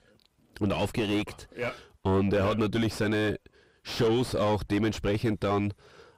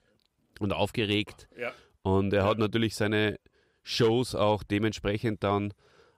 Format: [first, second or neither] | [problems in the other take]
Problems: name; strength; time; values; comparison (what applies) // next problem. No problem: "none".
second | distortion; heavy; 4 dB below the speech